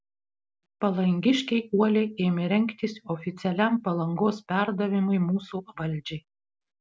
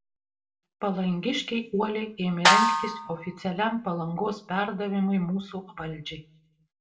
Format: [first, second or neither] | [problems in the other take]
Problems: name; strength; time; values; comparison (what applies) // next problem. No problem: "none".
first | background sound (Snare drum); 4 dB above the speech // room echo; dies away in 0.3 s